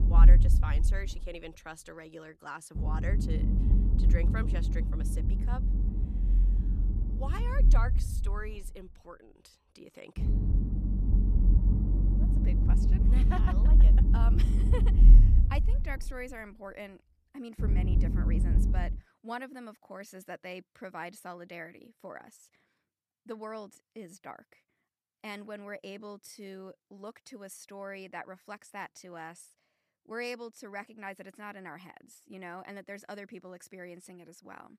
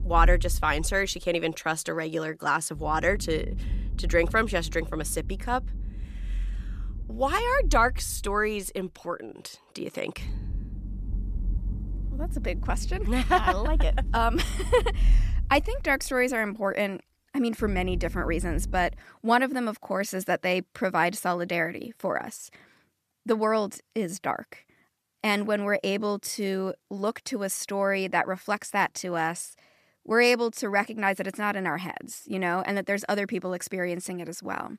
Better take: second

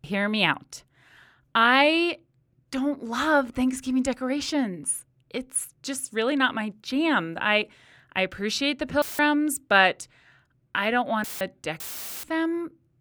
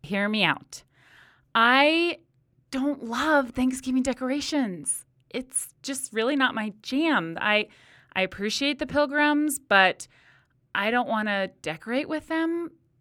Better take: second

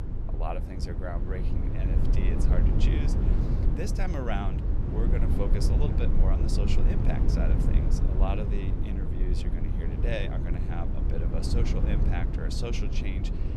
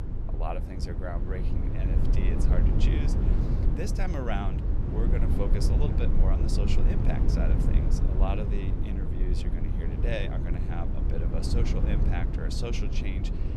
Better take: neither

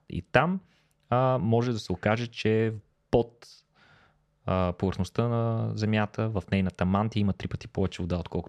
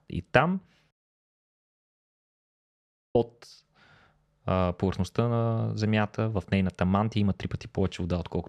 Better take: first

